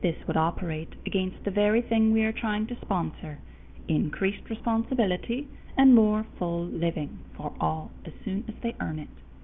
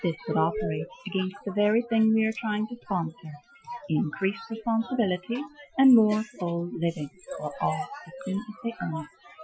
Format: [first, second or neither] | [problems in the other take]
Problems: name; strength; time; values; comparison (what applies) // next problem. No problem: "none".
first | noise reduction (classical method Wiener filter)